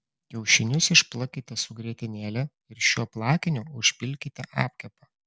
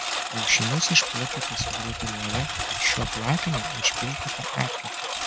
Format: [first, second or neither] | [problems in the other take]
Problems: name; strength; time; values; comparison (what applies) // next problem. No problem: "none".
first | background sound (Engine); 1 dB below the speech